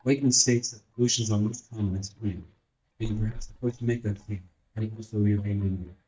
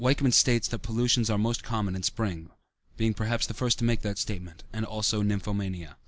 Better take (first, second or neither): second